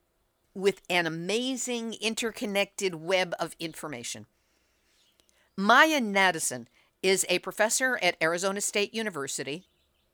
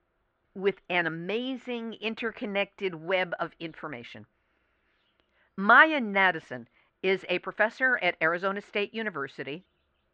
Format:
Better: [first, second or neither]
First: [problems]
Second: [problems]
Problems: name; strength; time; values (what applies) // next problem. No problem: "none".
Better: first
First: none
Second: muffled; very; fading above 3 kHz